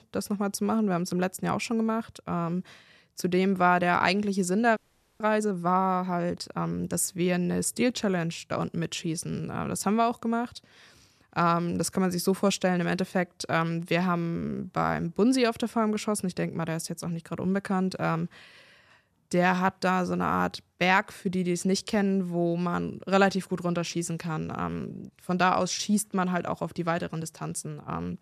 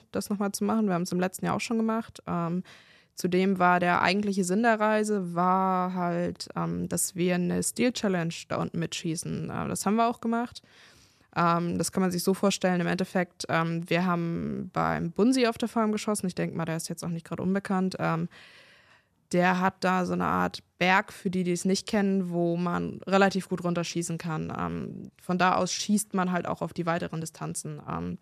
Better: second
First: audio freezing; at 5 s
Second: none

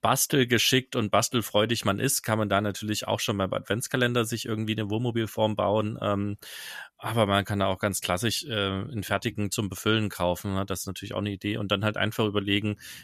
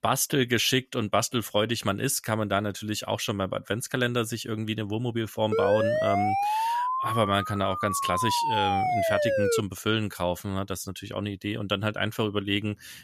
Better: first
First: none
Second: siren; loud; from 5.5 to 9.5 s; peak 3 dB above the speech

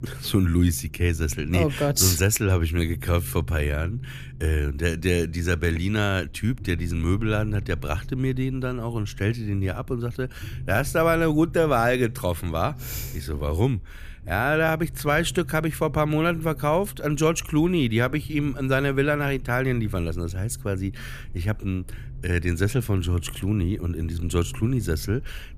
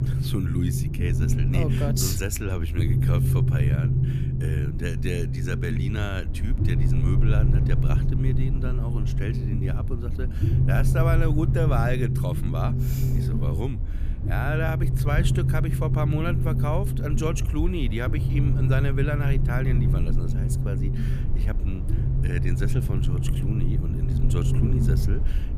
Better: first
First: low rumble; faint; throughout; 25 dB below the speech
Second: low rumble; loud; throughout; 3 dB below the speech

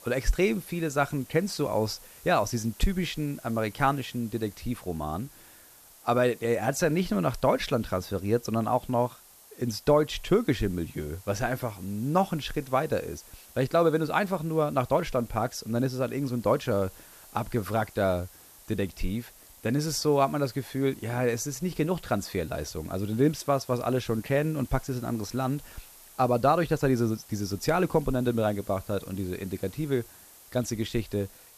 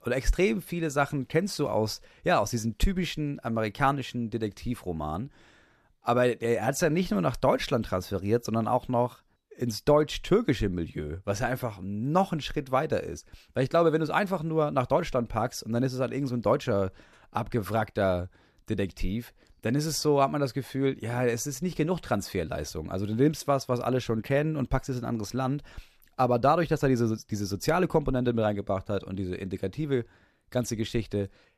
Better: second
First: hiss; faint; throughout; 20 dB below the speech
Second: none

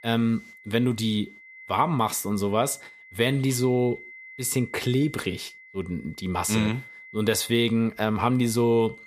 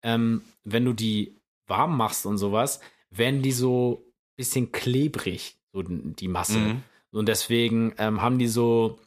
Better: second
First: high-pitched whine; noticeable; throughout; 2 kHz, 20 dB below the speech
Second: none

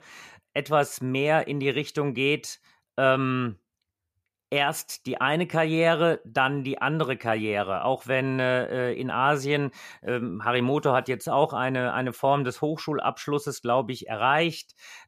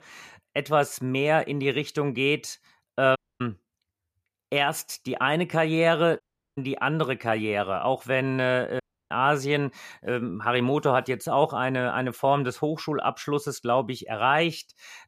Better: first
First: none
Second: audio cutting out; at 3 s, at 6 s and at 9 s

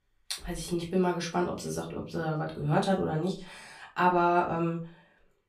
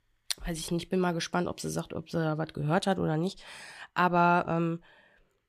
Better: second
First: off-mic speech; far // room echo; very slight; dies away in 0.3 s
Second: none

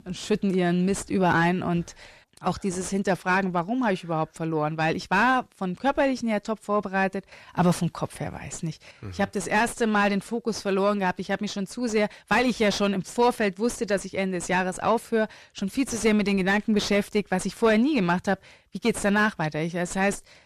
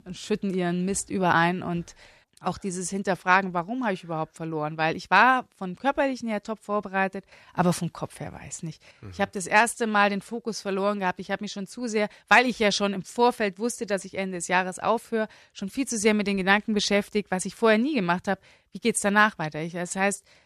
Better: second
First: distortion; heavy; 7 dB below the speech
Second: none

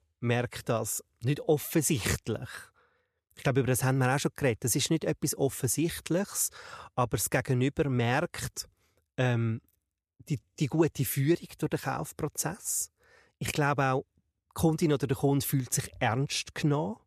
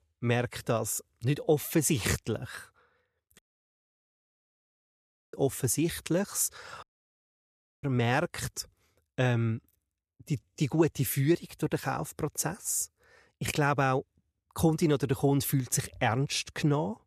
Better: first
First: none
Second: audio cutting out; at 3.5 s for 2 s and at 7 s for 1 s

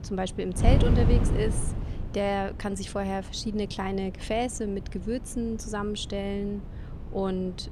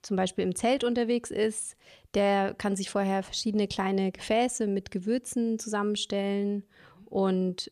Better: second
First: wind noise on the microphone; heavy; 9 dB below the speech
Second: none

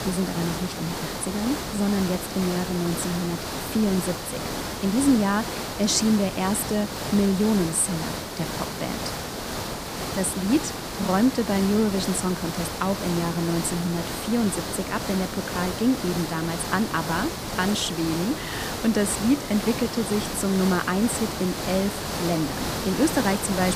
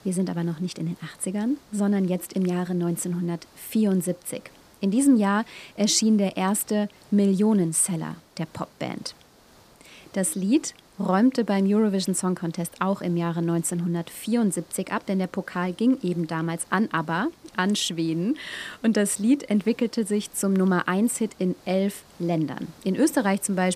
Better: second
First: hiss; loud; throughout; 5 dB below the speech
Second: hiss; faint; throughout; 30 dB below the speech

